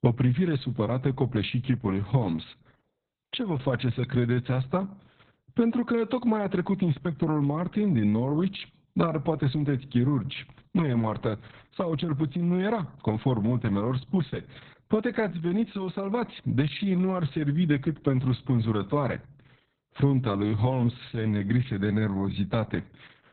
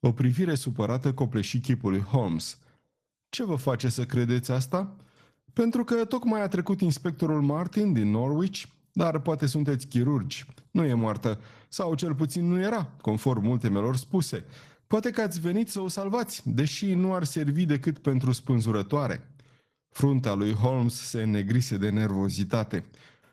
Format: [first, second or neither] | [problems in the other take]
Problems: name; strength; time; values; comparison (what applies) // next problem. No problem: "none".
second | garbled, watery; badly; nothing above 4 kHz; slightly in the second